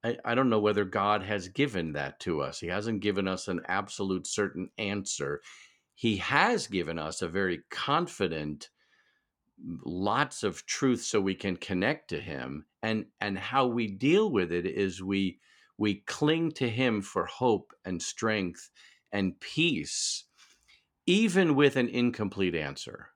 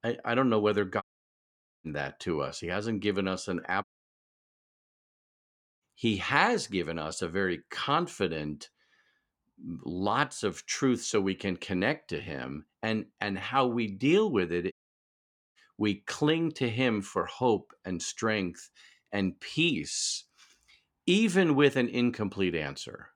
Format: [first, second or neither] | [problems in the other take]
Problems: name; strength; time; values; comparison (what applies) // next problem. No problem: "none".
first | audio cutting out; at 1 s for 1 s, at 4 s for 2 s and at 15 s for 1 s